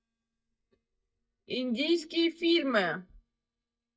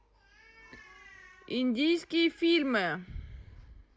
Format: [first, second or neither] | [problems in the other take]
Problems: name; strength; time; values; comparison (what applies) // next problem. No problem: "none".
second | noise reduction (neural mask model DeepFilterNet 3)